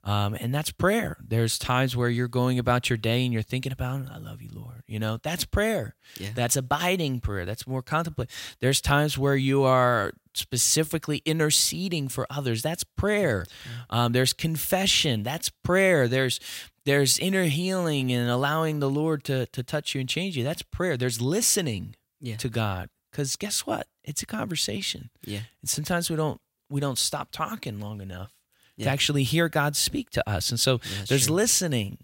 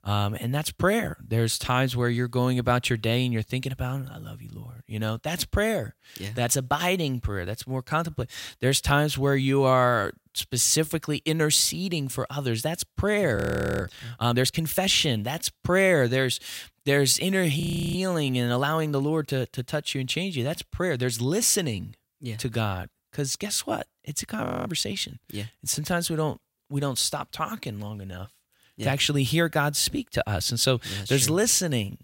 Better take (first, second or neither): first